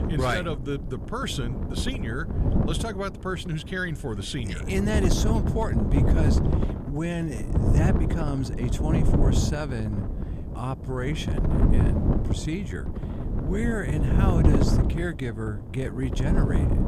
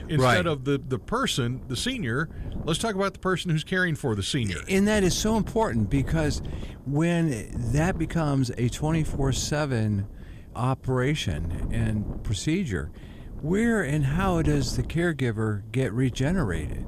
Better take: second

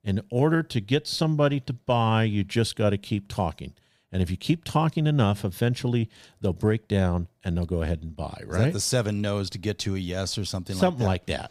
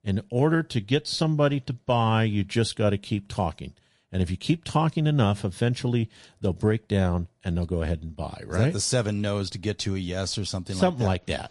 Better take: first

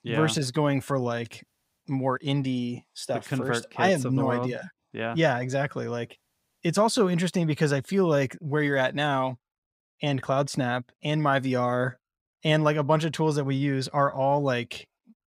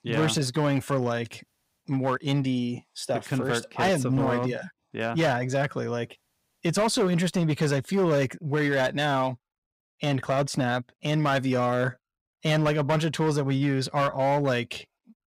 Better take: first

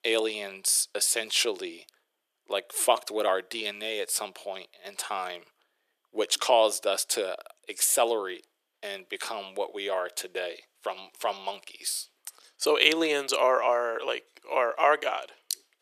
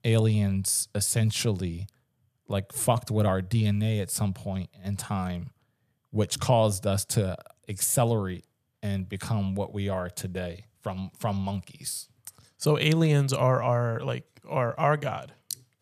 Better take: second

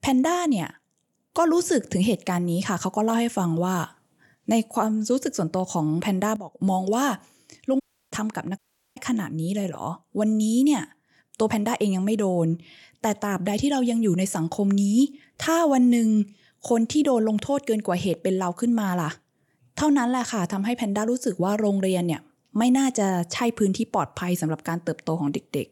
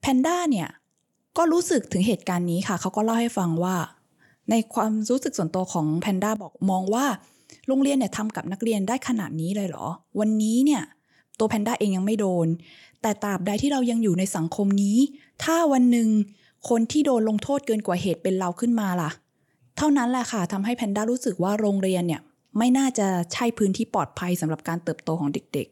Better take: second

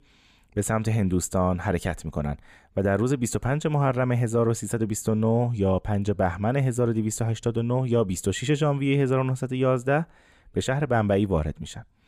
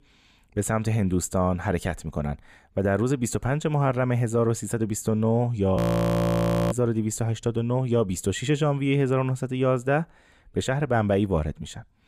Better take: first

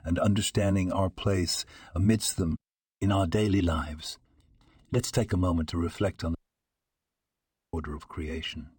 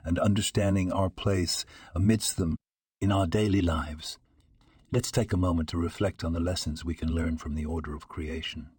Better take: second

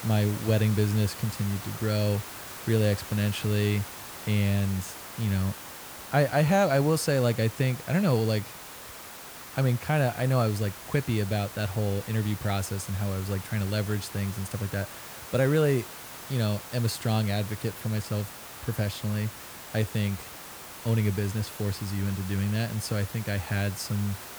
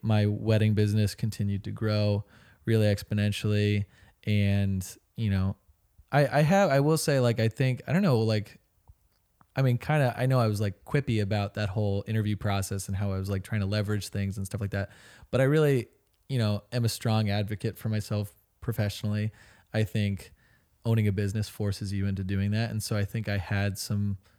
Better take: second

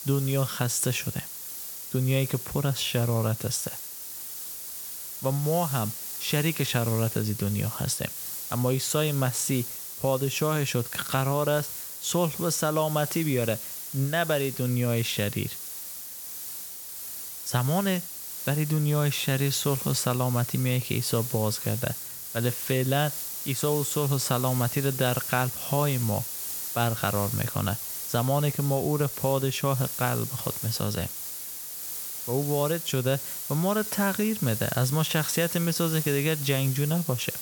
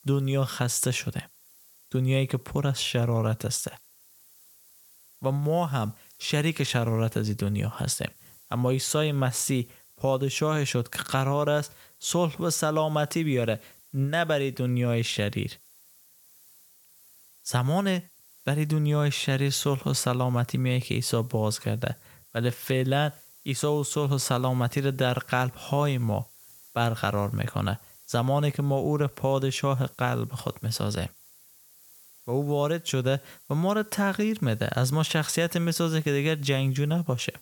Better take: second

